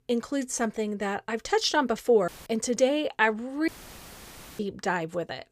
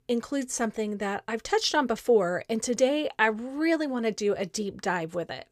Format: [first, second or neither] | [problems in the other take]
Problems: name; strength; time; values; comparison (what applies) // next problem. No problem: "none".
second | audio cutting out; filled with static; at 2.5 s and at 3.5 s for 1 s